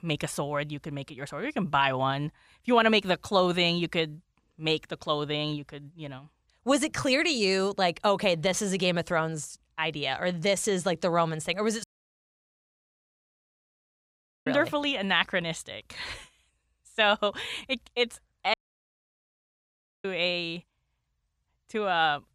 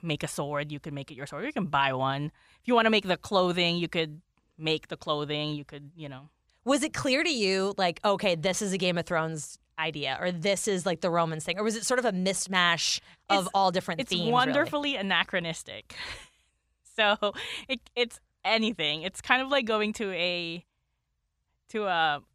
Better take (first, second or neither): second